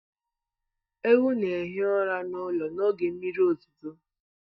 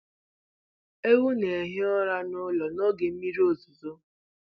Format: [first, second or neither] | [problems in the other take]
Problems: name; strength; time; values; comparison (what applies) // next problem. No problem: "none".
second | noise reduction (neural mask model DeepFilterNet 3)